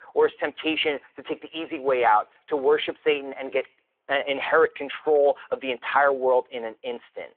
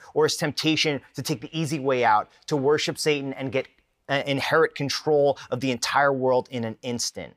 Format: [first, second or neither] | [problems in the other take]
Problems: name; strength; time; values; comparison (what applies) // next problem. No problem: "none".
second | phone-call audio